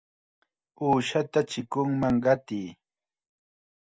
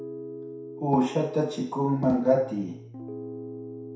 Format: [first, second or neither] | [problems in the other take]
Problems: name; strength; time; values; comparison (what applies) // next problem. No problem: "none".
first | background sound (Piano); 12 dB below the speech // room echo; dies away in 0.6 s